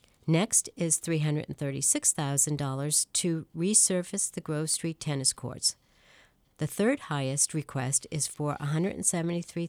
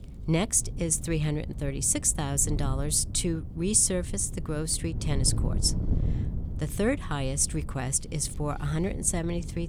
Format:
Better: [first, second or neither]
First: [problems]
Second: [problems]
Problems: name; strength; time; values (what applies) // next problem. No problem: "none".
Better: first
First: none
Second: wind noise on the microphone; occasional gusts; 15 dB below the speech